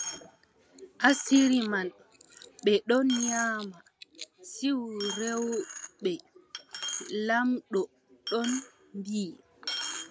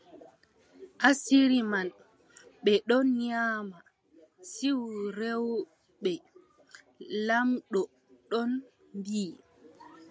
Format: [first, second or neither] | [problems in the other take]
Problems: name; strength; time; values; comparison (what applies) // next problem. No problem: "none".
second | background sound (Coin (dropping)); 11 dB below the speech